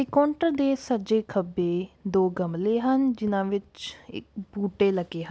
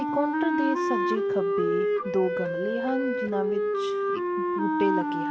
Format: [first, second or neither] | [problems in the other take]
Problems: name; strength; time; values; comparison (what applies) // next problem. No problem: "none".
first | background sound (Wind instrument, woodwind instrument); 4 dB above the speech // room echo; dies away in 2.5 s